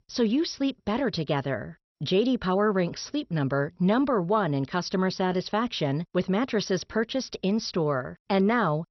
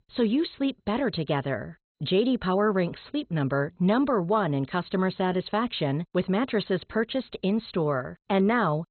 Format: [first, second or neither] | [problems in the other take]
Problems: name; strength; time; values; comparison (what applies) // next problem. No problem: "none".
first | garbled, watery; badly; nothing above 4 kHz; slightly in the first